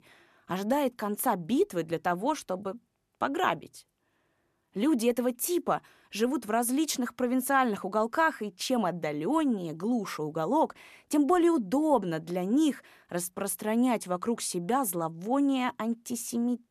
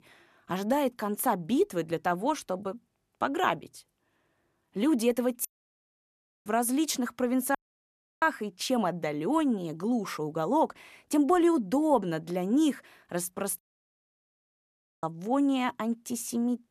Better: first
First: none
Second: audio cutting out; at 5.5 s for 1 s, at 7.5 s for 0.5 s and at 14 s for 1.5 s

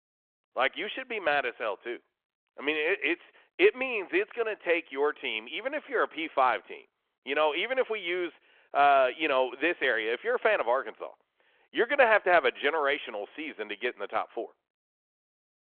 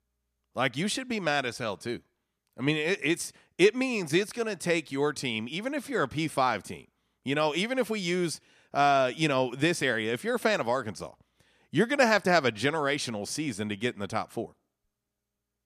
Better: second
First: phone-call audio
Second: none

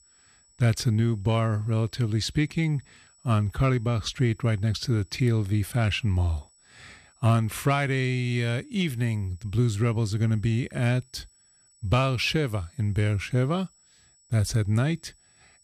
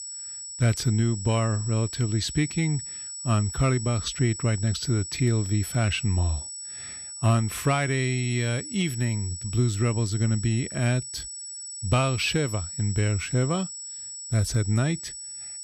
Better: first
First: high-pitched whine; faint; throughout; 8 kHz, 30 dB below the speech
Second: high-pitched whine; loud; throughout; 8 kHz, 8 dB below the speech

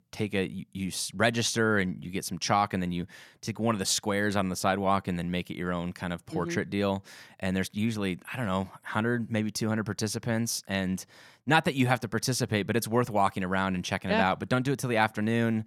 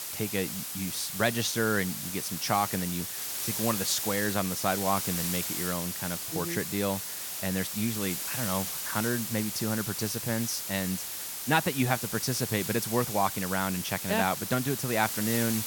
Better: first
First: none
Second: hiss; loud; throughout; 2 dB below the speech

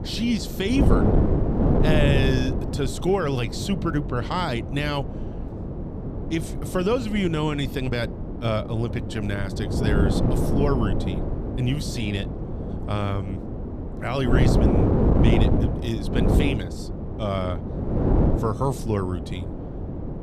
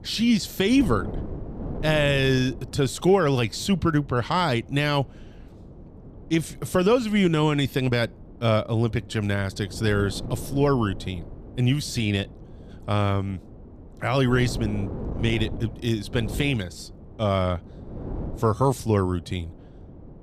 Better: second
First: wind noise on the microphone; heavy; 3 dB below the speech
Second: wind noise on the microphone; occasional gusts; 20 dB below the speech

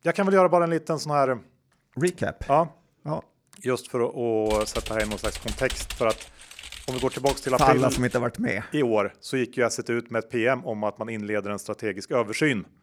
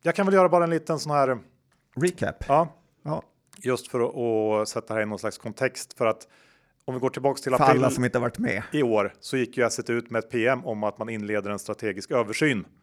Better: second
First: keyboard typing; noticeable; from 4.5 to 8 s; peak 8 dB below the speech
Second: none

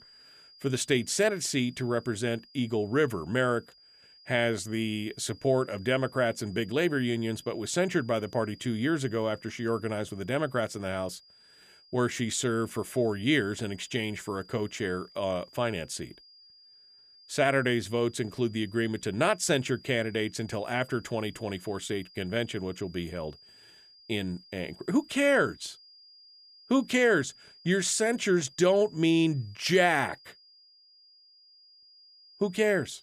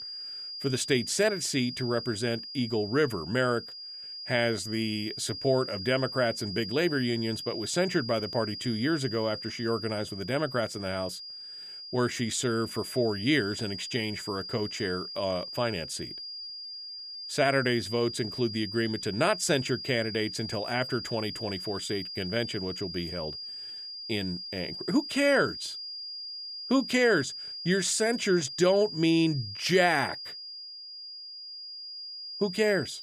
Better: first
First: high-pitched whine; faint; throughout; 5 kHz, 25 dB below the speech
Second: high-pitched whine; loud; throughout; 5 kHz, 8 dB below the speech

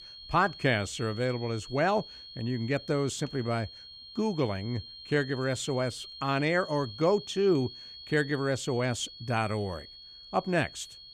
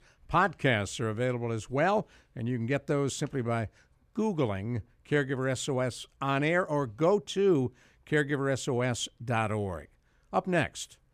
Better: second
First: high-pitched whine; noticeable; throughout; 4.5 kHz, 15 dB below the speech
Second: none

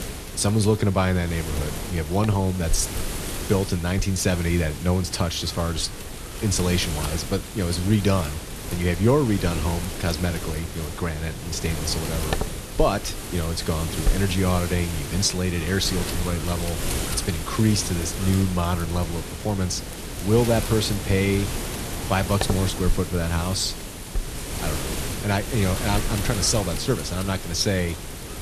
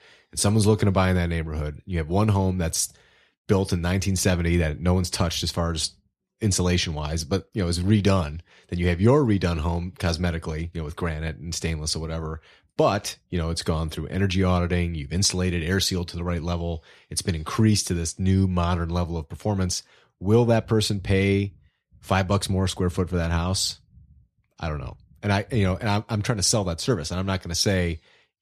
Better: second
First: wind noise on the microphone; heavy; 6 dB below the speech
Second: none

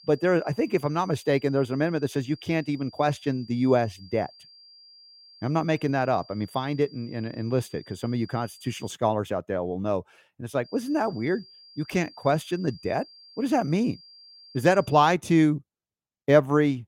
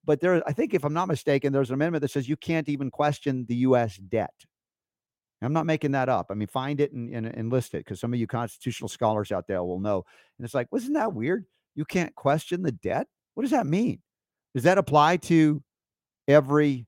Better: second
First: high-pitched whine; faint; until 9 s and from 11 to 15 s; 4.5 kHz, 25 dB below the speech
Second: none

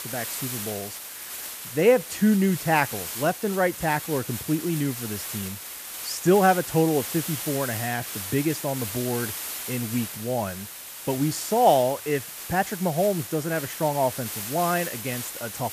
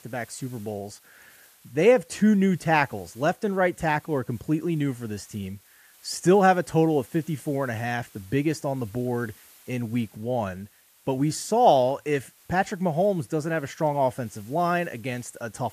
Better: second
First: hiss; loud; throughout; 7 dB below the speech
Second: hiss; faint; throughout; 25 dB below the speech

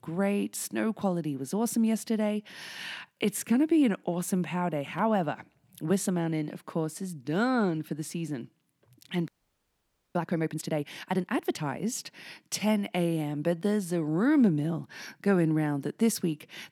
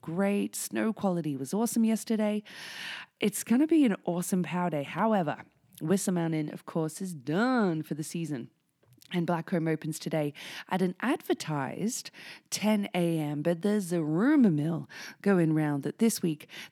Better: second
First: audio freezing; at 9.5 s for 1 s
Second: none

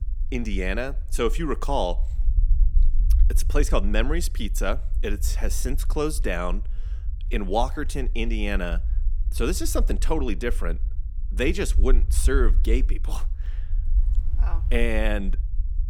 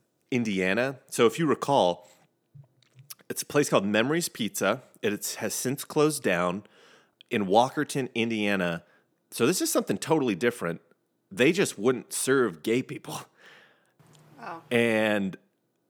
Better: second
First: low rumble; faint; throughout; 20 dB below the speech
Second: none

